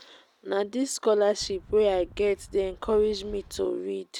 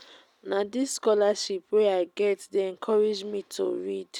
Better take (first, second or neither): second